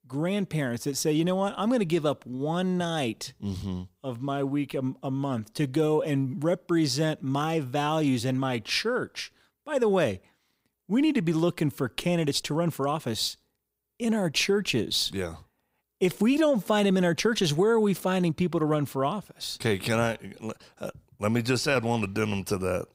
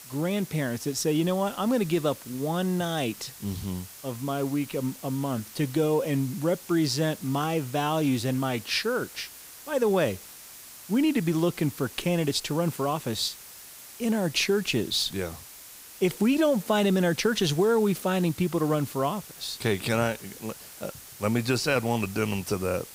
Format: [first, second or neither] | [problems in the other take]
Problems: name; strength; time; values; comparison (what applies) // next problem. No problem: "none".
first | hiss; noticeable; throughout; 15 dB below the speech